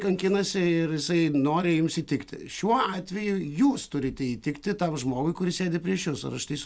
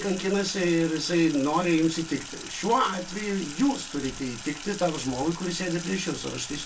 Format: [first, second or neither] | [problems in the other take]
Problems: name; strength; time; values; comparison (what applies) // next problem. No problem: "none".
first | background sound (Sink (filling or washing)); 13 dB below the speech // room echo; dies away in 0.2 s